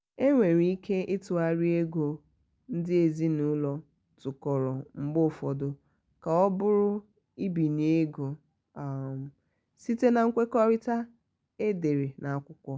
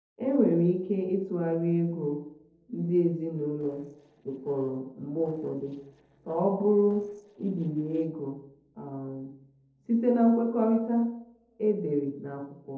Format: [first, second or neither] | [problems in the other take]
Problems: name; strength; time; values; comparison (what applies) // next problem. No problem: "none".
first | noise reduction (neural separator model SepFormer DNS4)